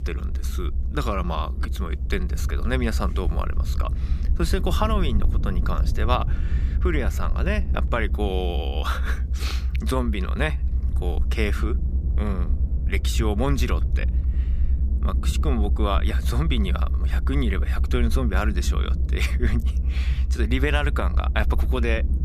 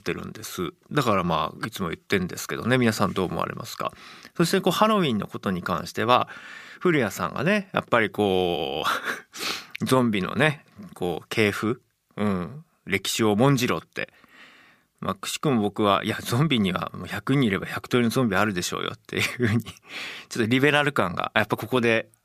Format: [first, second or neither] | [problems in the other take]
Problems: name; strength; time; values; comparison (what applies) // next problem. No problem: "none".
second | low rumble; noticeable; throughout; 15 dB below the speech